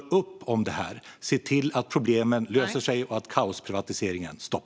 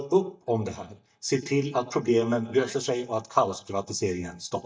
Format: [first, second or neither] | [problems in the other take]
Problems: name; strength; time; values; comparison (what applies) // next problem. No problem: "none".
first | noise reduction (neural mask model DeepFilterNet 3)